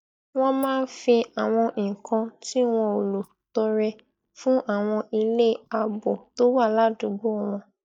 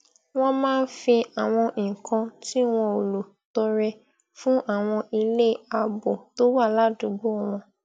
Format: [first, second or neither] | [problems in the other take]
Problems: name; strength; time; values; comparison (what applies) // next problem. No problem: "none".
second | noise reduction (neural mask model DeepFilterNet 3)